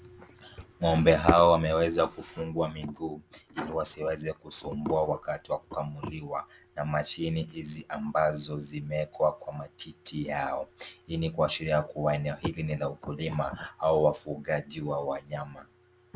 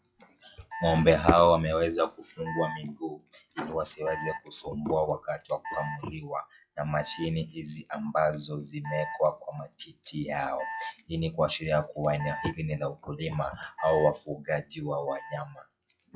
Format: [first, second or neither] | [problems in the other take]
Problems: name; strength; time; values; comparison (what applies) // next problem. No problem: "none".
first | noise reduction (classical method log-MMSE)